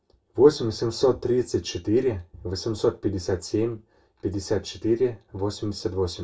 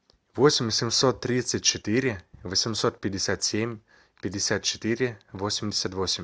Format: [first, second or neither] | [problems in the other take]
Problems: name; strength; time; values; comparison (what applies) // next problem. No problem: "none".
second | room echo; dies away in 0.2 s